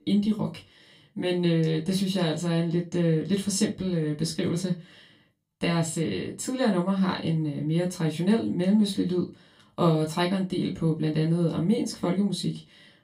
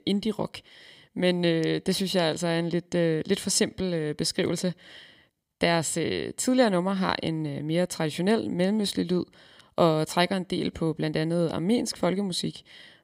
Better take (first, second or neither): second